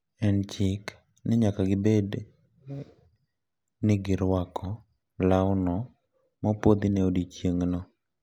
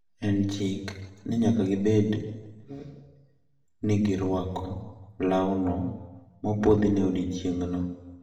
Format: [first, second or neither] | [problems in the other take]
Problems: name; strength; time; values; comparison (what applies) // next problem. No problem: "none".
first | room echo; dies away in 1 s